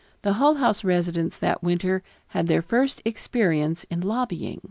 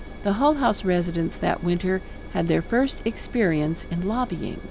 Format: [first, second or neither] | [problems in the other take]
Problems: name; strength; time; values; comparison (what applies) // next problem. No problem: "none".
first | background sound (Engine); 12 dB below the speech